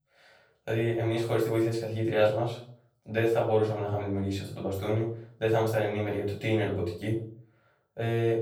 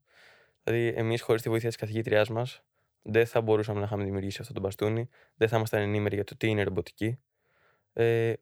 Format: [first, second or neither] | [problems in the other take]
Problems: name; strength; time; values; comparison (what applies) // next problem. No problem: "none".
second | off-mic speech; far // room echo; noticeable; dies away in 0.4 s